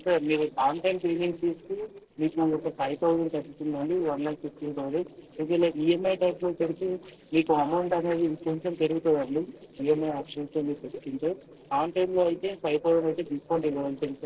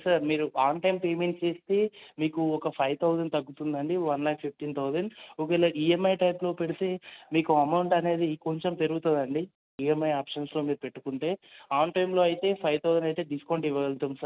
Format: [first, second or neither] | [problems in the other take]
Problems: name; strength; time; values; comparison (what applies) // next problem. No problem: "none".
second | noise reduction (neural separator model SepFormer DNS4)